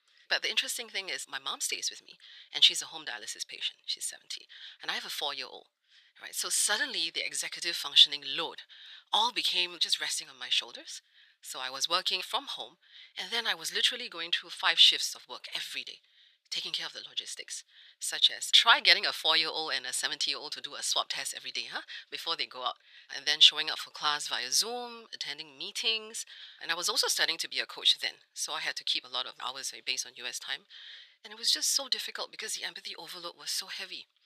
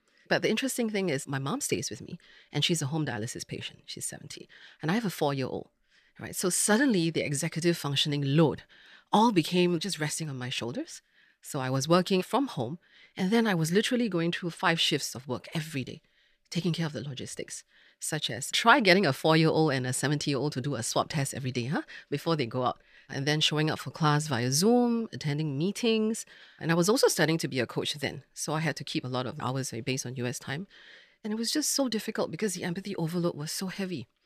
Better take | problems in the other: second | thin; very; fading below 950 Hz

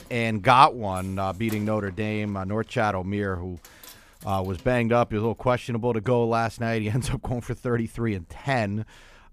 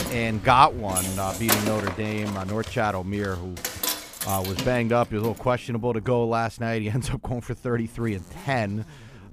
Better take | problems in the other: first | household noises; loud; throughout; 5 dB below the speech; faint in the first

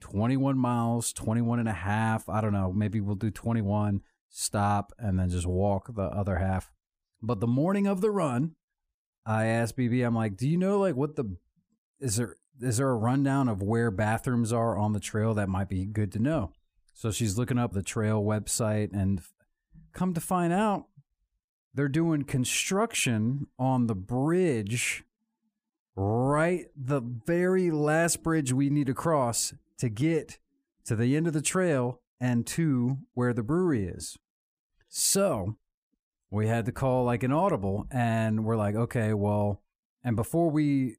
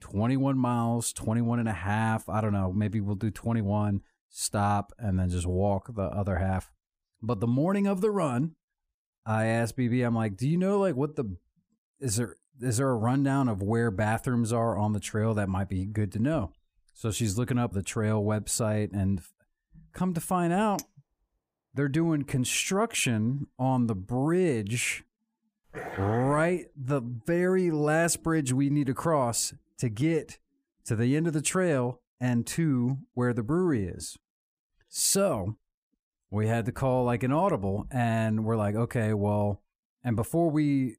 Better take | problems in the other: first | clattering dishes; faint; at 21 s; peak 15 dB below the speech // dog barking; noticeable; at 26 s; peak 9 dB below the speech

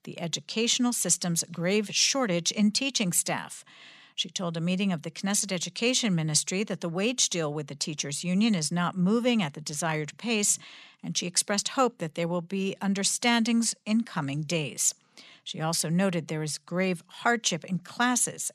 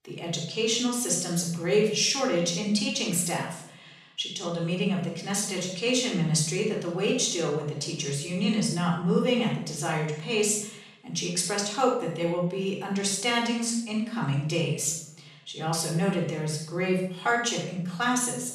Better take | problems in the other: first | off-mic speech; far // room echo; noticeable; dies away in 0.6 s

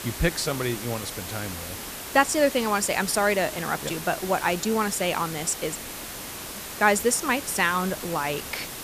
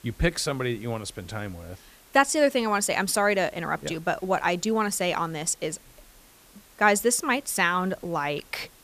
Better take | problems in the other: second | hiss; loud; throughout; 9 dB below the speech; faint in the second

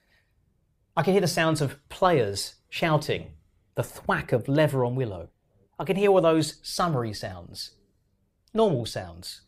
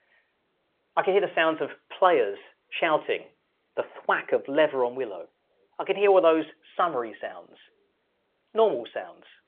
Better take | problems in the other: first | phone-call audio

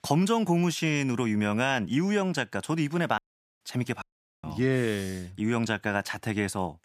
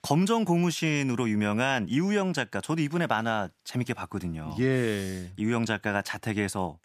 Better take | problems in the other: second | audio cutting out; at 3 s and at 4 s

